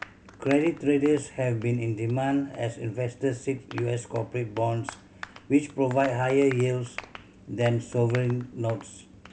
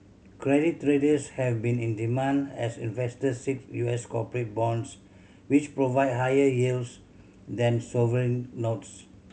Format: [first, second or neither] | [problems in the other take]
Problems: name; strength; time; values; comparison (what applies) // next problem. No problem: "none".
second | background sound (Applause); 19 dB below the speech